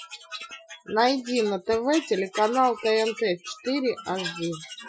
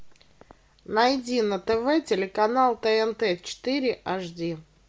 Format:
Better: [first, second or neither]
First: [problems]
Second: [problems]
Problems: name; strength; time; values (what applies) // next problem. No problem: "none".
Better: second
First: noise reduction (classical method Wiener filter)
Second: none